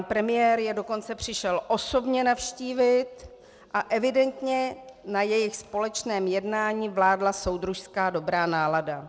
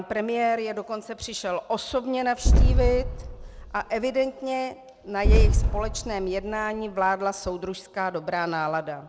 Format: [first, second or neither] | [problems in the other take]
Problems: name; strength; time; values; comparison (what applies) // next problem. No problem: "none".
first | background sound (Boom); 4 dB above the speech